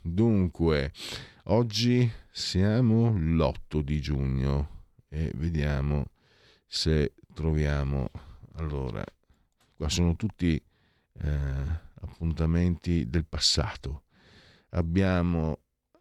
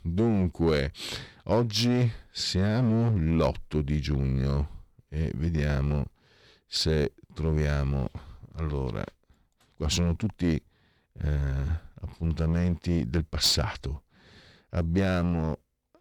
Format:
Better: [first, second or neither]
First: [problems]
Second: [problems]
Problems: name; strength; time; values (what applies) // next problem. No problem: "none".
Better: first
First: none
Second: distortion; slight; 5% of the sound clipped